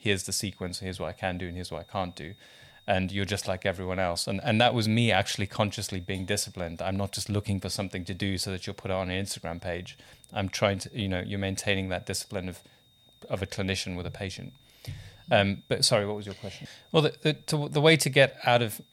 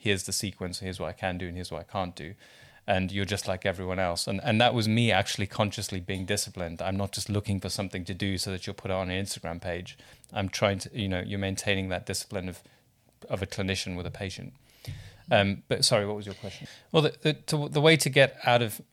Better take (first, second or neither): second